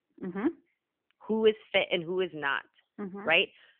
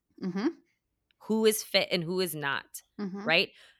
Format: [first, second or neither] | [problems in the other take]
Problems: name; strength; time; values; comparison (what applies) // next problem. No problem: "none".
second | phone-call audio; nothing above 3 kHz